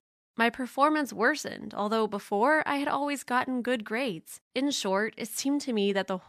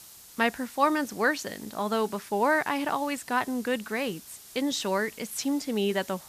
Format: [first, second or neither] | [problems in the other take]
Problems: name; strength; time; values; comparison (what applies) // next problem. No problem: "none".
first | hiss; noticeable; throughout; 20 dB below the speech